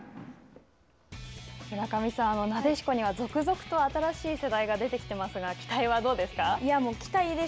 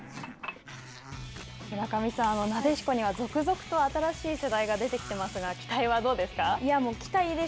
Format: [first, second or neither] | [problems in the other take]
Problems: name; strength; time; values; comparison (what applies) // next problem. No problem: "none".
first | background sound (Growling + Water); 17 dB below the speech